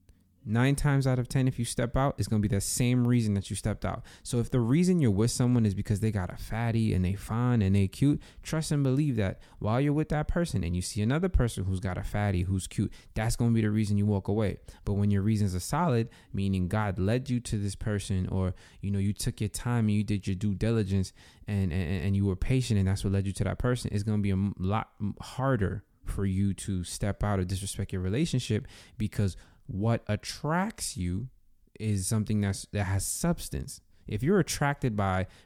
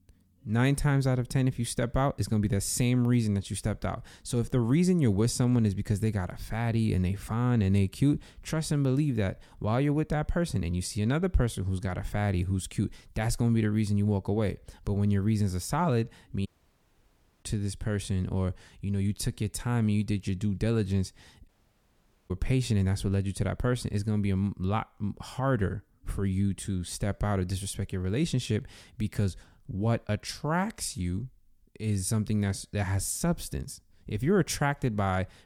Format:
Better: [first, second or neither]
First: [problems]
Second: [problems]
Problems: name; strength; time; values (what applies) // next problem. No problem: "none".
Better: first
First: none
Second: audio cutting out; at 16 s for 1 s and at 21 s for 1 s